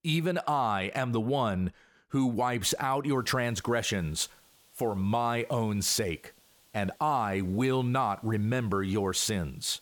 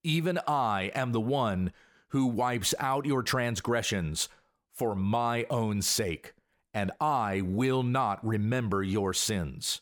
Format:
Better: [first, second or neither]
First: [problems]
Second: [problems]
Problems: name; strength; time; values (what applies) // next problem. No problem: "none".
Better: second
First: hiss; faint; from 3 s on; 30 dB below the speech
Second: none